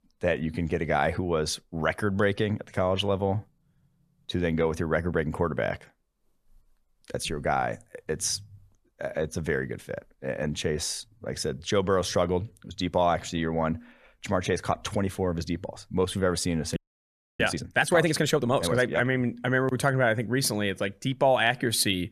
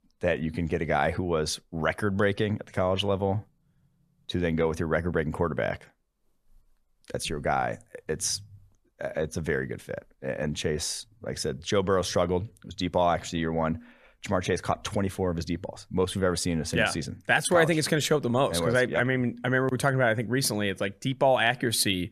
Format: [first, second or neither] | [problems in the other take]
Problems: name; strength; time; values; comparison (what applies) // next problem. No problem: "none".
second | audio freezing; at 17 s for 0.5 s